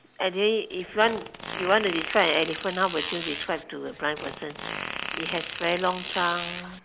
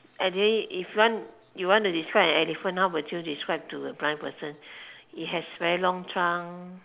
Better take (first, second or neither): second